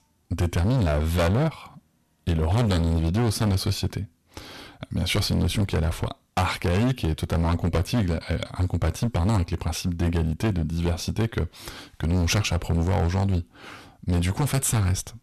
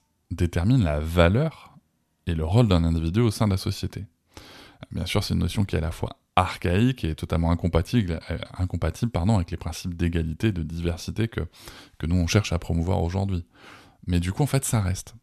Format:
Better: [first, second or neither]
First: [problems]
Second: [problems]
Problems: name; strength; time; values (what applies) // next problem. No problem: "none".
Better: second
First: distortion; heavy; 17% of the sound clipped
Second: none